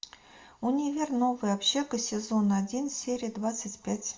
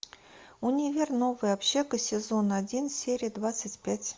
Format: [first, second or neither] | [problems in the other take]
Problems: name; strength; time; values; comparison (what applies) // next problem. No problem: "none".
second | room echo; dies away in 0.3 s